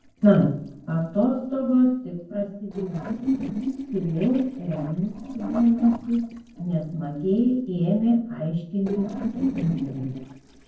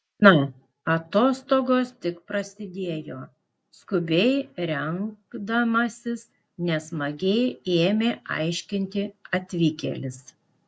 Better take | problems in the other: second | noise reduction (neural separator model SepFormer DNS4)

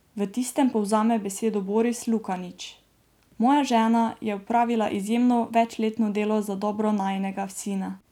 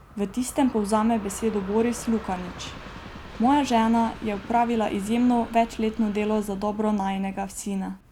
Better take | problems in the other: first | background sound (Train); 17 dB below the speech

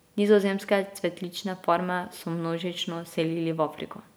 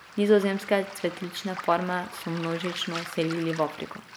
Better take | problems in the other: first | background sound (Waves, surf); 13 dB below the speech

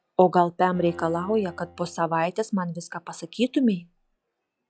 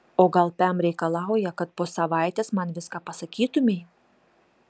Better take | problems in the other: second | noise reduction (classical method log-MMSE)

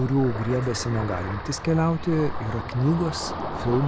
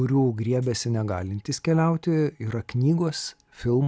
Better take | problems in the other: second | background sound (Ocean); 7 dB below the speech

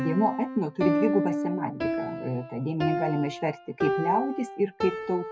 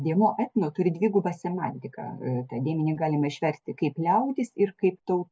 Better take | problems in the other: second | background sound (Piano); 2 dB below the speech

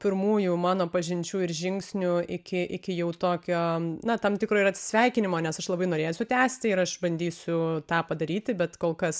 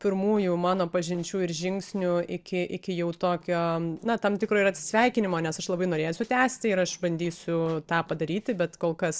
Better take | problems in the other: first | noise reduction (neural separator model SepFormer DNS4)

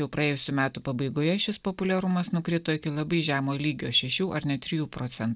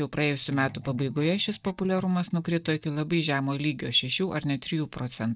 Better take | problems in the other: first | noise reduction (neural mask model DeepFilterNet 3)

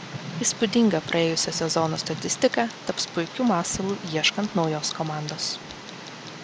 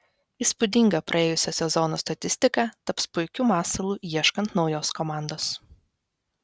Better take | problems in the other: second | background sound (Tick); 12 dB below the speech

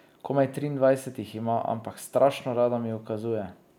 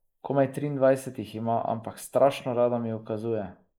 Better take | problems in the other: first | noise reduction (neural mask model Resemble Enhance denoiser)

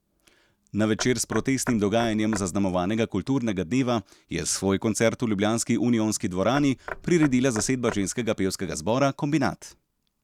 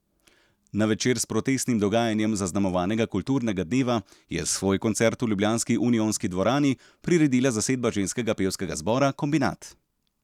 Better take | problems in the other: second | background sound (Knock / Wood); 15 dB below the speech

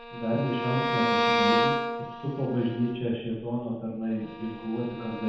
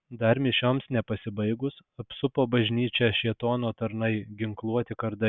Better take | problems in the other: second | background sound (Bowed string instrument); as loud as the speech // room echo; dies away in 0.9 s

